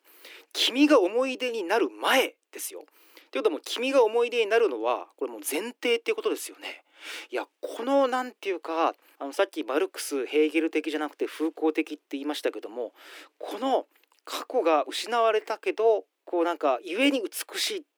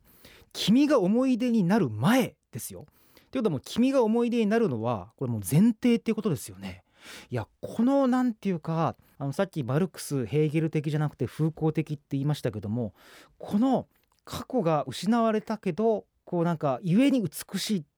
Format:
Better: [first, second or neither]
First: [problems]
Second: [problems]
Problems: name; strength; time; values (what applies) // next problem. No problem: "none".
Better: second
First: thin; somewhat; fading below 300 Hz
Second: none